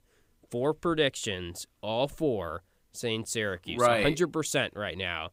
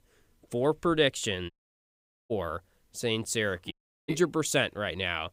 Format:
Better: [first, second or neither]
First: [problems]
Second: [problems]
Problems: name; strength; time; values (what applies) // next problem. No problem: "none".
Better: first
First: none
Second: audio cutting out; at 1.5 s for 1 s and at 3.5 s